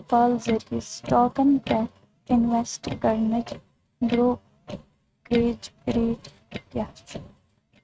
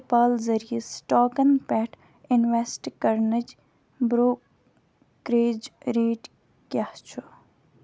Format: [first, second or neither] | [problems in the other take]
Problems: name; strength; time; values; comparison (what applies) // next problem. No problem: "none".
second | noise reduction (neural mask model RNNoise)